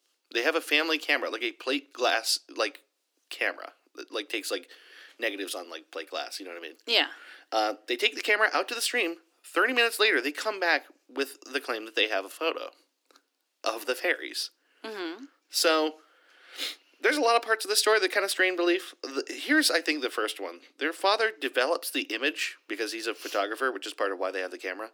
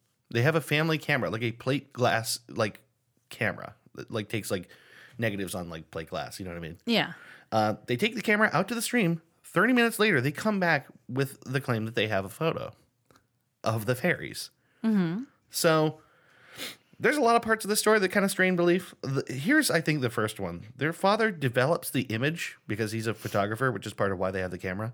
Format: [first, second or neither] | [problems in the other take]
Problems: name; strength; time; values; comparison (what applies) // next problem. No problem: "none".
second | thin; somewhat; fading below 300 Hz